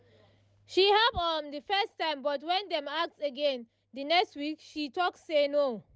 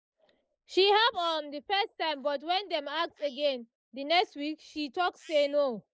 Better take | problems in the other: first | noise reduction (neural mask model Resemble Enhance denoiser)

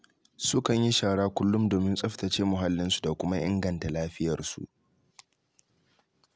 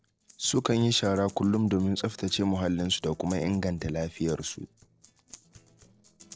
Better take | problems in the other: first | noise reduction (neural separator model SepFormer DNS4)

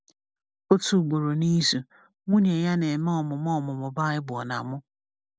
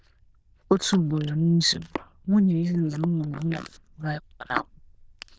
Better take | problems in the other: first | noise reduction (neural diffusion model UNIVERSE++)

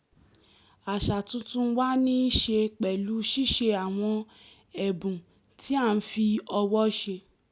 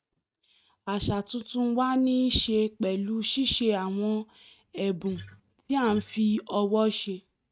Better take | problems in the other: first | noise reduction (neural mask model RNNoise)

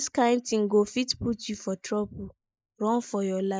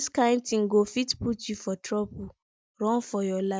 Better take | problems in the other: second | noise reduction (neural mask model Resemble Enhance denoiser)

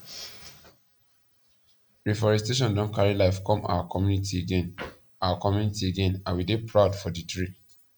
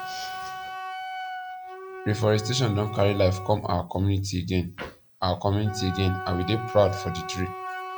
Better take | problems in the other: first | background sound (Wind instrument, woodwind instrument); 10 dB below the speech

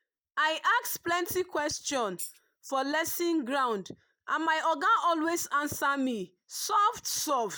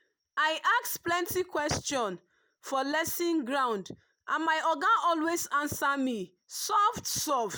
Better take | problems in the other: second | noise reduction (neural mask model DeepFilterNet 3)

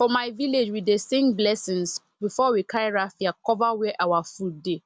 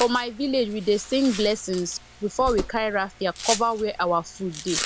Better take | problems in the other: first | background sound (Domestic sounds, home sounds); 10 dB below the speech

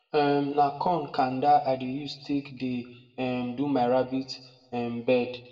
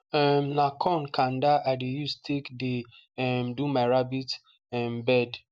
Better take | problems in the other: second | room echo; dies away in 1 s

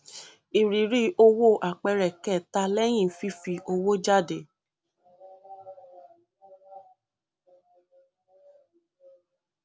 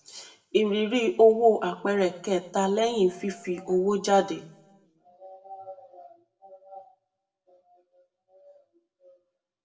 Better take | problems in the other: first | room echo; dies away in 0.6 s

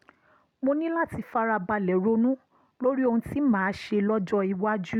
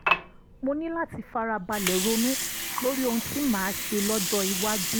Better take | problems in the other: first | background sound (Water); 2 dB below the speech

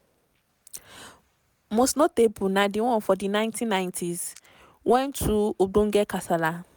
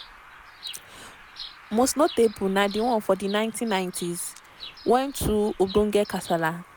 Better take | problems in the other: first | background sound (Bird vocalization, bird call, bird song); 18 dB below the speech

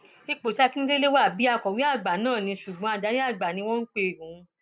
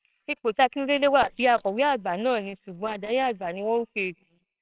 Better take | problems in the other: first | noise reduction (neural separator model SepFormer WHAMR!)

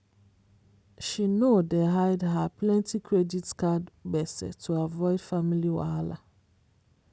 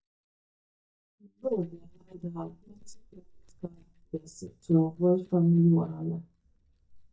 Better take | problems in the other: first | noise reduction (neural mask model DeepFilterNet 3)

